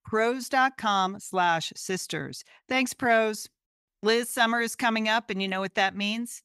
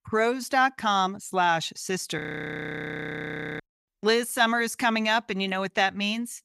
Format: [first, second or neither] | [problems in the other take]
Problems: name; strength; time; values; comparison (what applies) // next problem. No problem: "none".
first | audio freezing; at 2 s for 1.5 s